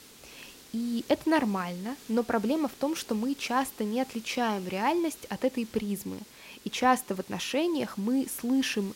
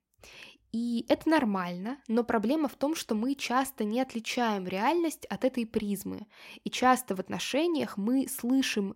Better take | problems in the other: second | hiss; noticeable; throughout; 20 dB below the speech

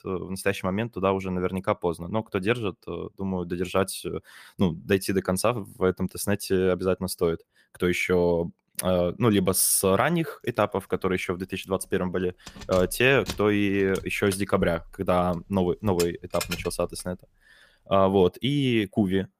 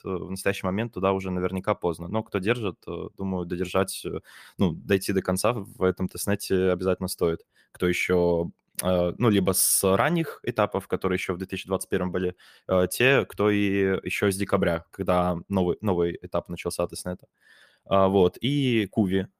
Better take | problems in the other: second | jangling keys; noticeable; from 12 to 17 s; peak 7 dB below the speech

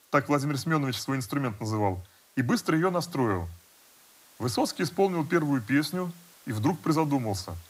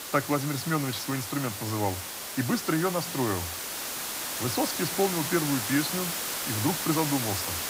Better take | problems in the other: first | hiss; loud; throughout; 2 dB below the speech; faint in the first

